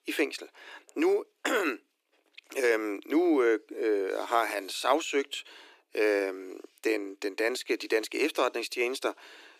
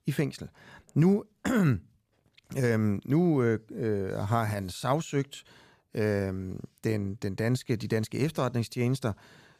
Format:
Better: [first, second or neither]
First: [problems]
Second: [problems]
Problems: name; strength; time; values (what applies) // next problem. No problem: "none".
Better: second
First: thin; very; fading below 300 Hz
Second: none